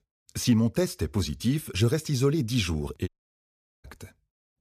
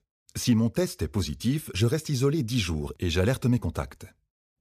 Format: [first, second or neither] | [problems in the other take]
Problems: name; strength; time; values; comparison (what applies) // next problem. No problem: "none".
second | audio cutting out; at 3 s for 1 s